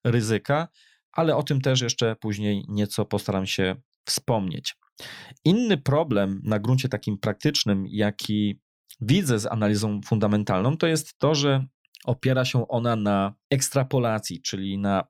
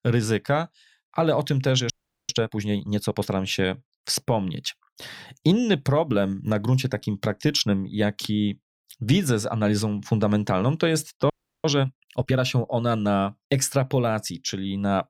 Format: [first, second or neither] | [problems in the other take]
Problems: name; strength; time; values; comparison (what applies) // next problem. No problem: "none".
first | audio freezing; at 2 s and at 11 s